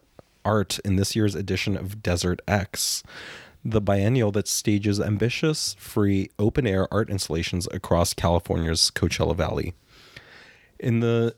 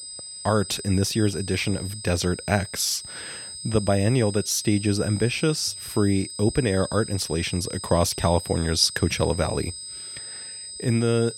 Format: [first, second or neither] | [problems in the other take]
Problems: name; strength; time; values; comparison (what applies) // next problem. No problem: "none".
first | high-pitched whine; noticeable; throughout; 8 kHz, 10 dB below the speech